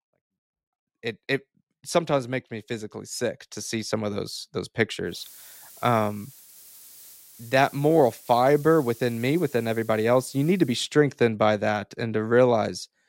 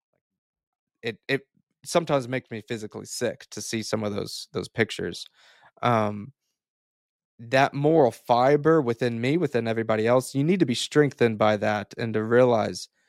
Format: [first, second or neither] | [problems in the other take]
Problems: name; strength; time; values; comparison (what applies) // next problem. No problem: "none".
second | hiss; faint; from 5 to 11 s; 20 dB below the speech